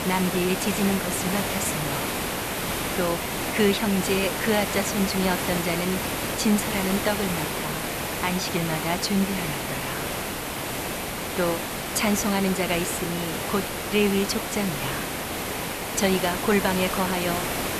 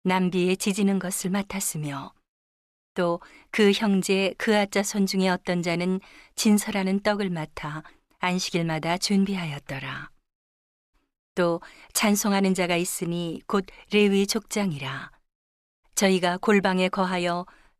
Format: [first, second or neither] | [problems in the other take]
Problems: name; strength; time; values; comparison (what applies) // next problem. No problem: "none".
second | hiss; loud; throughout; 2 dB below the speech